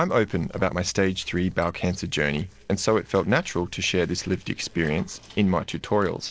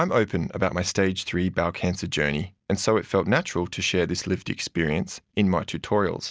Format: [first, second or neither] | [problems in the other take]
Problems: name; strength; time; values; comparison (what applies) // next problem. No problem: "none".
second | noise reduction (neural separator model SepFormer DNS4)